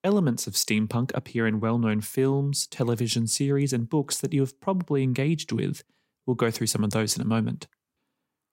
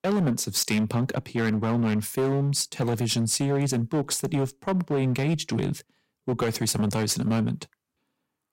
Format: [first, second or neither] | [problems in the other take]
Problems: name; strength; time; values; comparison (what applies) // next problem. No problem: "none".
first | distortion; slight; 12% of the sound clipped